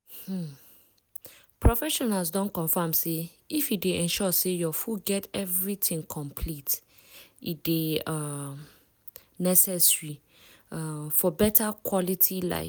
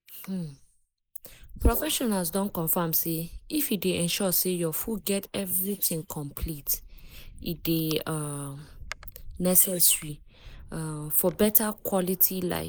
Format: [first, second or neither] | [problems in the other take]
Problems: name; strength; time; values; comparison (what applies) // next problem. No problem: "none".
first | noise reduction (neural mask model Resemble Enhance denoiser)